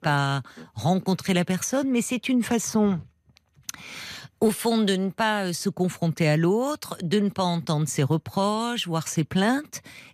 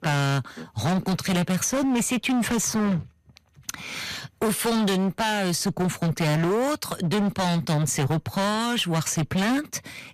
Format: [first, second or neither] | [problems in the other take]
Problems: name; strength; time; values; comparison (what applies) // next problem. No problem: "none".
first | distortion; heavy; 25% of the sound clipped